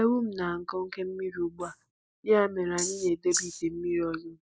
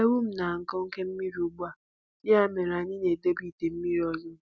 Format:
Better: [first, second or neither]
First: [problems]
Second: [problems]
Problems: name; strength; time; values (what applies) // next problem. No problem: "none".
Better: second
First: noise reduction (neural mask model Resemble Enhance denoiser)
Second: none